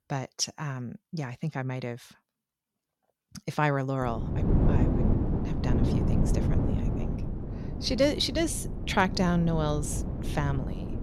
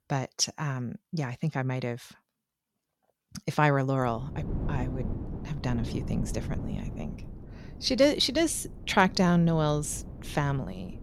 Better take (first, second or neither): second